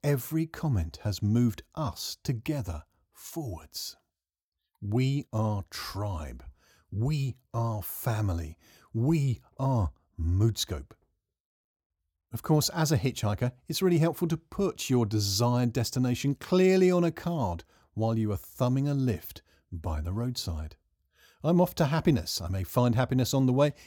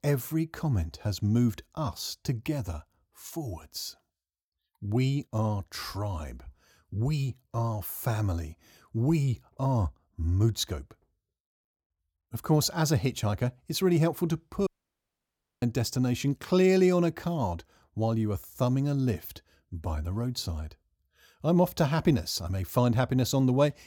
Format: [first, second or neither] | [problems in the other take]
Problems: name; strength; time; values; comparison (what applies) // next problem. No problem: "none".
first | audio cutting out; at 15 s for 1 s